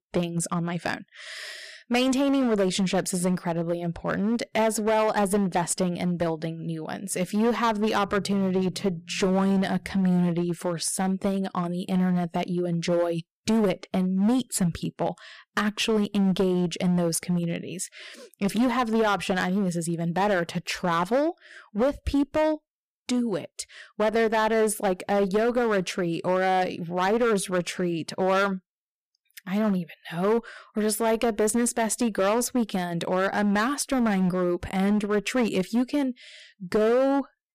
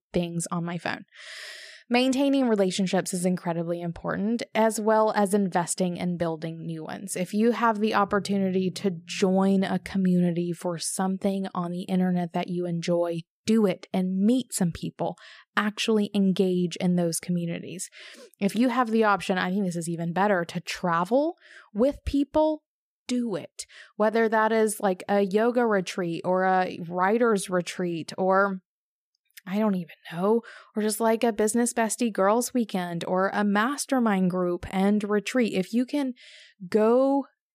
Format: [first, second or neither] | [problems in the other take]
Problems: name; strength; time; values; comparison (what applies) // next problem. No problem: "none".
second | distortion; slight; 8% of the sound clipped